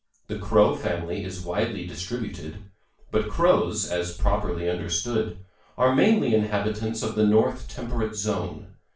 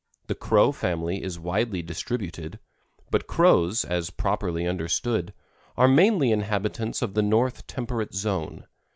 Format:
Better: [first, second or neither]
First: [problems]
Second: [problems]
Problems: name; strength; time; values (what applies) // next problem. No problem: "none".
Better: second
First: room echo; dies away in 0.3 s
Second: none